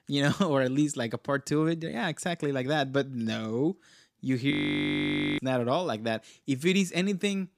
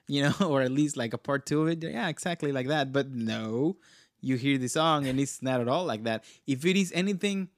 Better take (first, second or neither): second